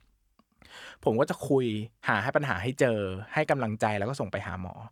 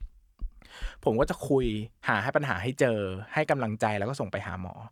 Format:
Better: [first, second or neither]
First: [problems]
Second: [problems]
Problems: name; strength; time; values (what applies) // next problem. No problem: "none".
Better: first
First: none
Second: door banging; faint; until 1.5 s; peak 15 dB below the speech